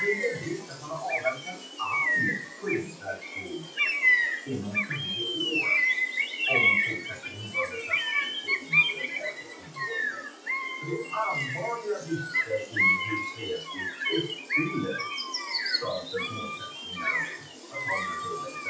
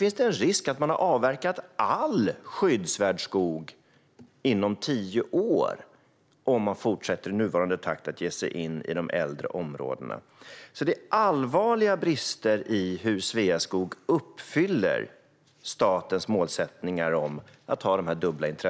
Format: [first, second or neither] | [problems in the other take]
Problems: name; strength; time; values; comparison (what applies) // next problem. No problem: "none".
second | noise reduction (classical method WPE with log-MMSE)